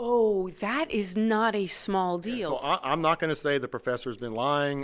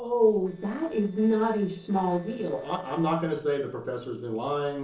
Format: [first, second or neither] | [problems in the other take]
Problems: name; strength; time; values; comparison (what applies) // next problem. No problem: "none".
first | noise reduction (neural separator model SepFormer DNS4)